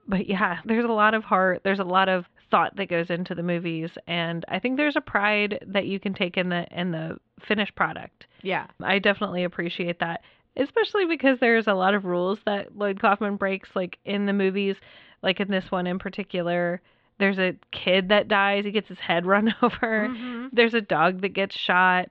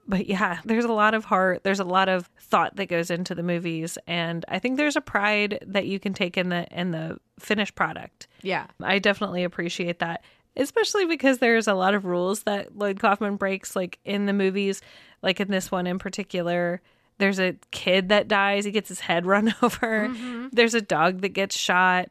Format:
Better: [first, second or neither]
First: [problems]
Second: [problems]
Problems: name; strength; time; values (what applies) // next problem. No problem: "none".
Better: second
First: muffled; slightly; fading above 3.5 kHz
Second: none